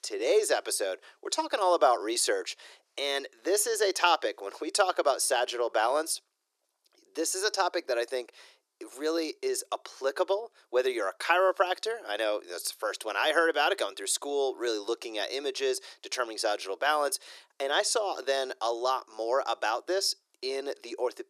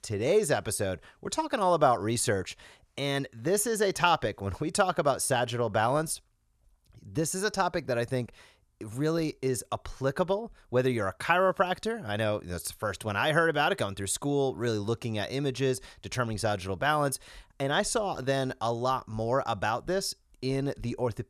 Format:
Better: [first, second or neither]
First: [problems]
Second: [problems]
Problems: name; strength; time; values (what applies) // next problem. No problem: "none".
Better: second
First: thin; very; fading below 350 Hz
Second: none